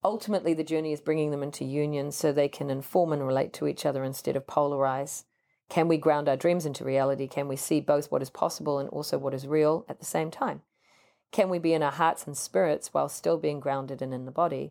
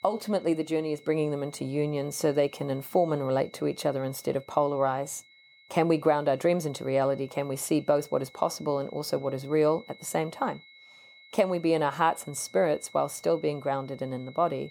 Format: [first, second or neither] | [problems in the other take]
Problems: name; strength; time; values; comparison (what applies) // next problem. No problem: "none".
first | high-pitched whine; faint; throughout; 2 kHz, 25 dB below the speech